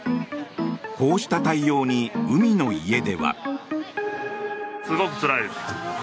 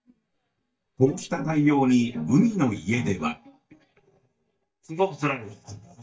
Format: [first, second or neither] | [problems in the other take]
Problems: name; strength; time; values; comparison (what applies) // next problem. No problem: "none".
first | noise reduction (neural mask model DeepFilterNet 3)